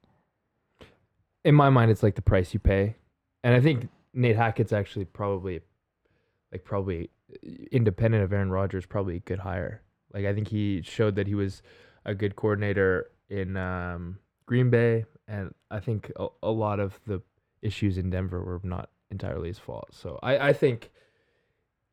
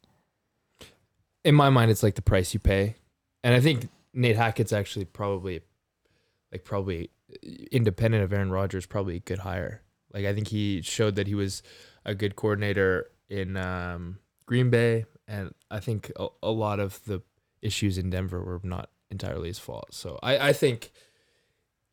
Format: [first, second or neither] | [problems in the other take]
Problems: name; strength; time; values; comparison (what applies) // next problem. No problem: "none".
second | muffled; slightly; fading above 3.5 kHz